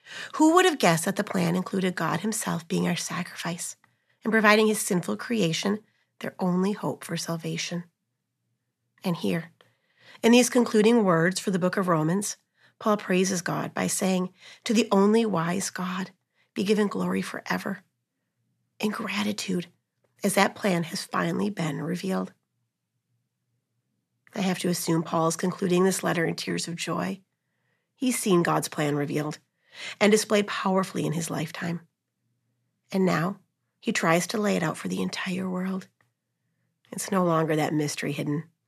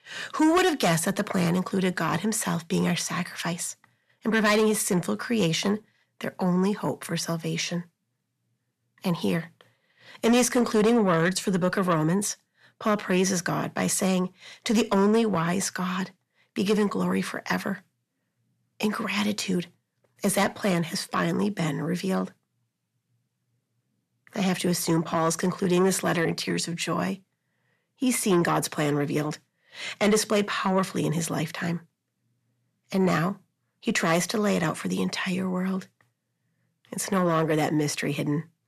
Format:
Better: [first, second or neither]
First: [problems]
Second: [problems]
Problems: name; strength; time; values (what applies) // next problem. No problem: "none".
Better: first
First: none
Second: distortion; slight; 10 dB below the speech